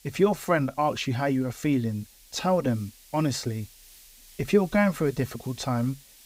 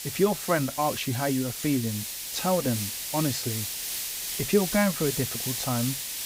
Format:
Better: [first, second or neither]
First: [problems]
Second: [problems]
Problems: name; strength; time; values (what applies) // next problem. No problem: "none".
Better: first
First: hiss; faint; throughout; 25 dB below the speech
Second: hiss; loud; throughout; 3 dB below the speech